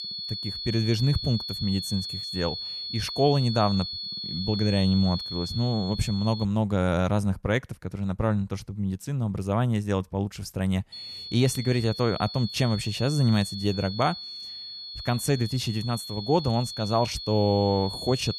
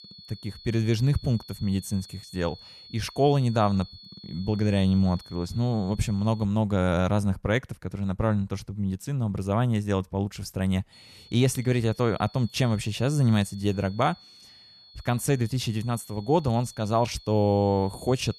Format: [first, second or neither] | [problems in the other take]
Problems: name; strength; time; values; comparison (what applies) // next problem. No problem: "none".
second | high-pitched whine; loud; until 6.5 s and from 11 s on; 4.5 kHz, 7 dB below the speech; faint in the second